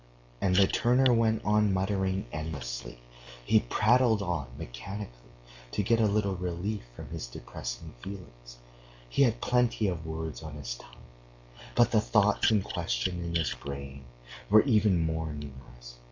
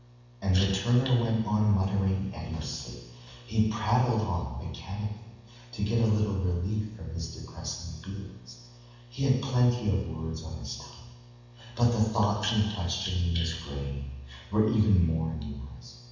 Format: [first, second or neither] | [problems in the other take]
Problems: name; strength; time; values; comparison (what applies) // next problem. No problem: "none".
first | room echo; dies away in 1.1 s